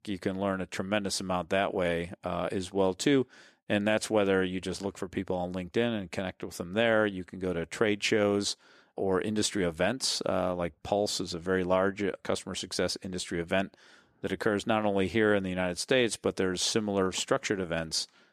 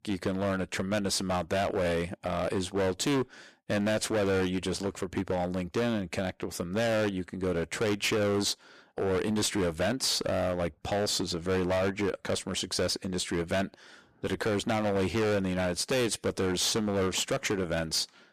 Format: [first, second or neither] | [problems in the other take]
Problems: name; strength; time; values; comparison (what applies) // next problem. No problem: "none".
first | distortion; heavy; 16% of the sound clipped